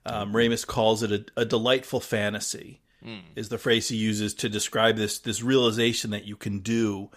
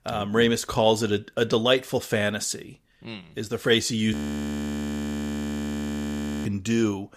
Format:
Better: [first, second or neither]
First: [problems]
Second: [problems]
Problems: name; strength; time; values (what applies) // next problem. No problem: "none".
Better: first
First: none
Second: audio freezing; at 4 s for 2.5 s